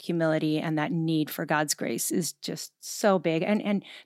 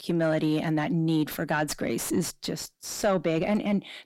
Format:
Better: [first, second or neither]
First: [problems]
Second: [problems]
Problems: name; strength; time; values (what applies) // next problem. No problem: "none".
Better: first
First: none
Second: distortion; slight; 9 dB below the speech